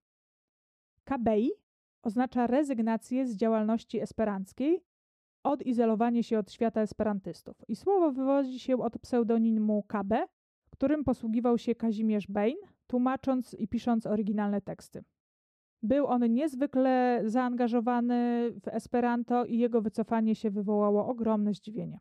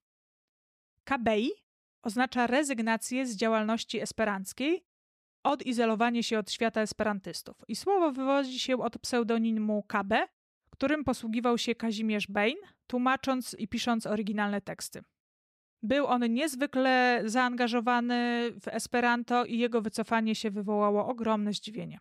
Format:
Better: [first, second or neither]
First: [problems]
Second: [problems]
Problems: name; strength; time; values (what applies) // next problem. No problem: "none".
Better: second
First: muffled; slightly; fading above 1 kHz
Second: none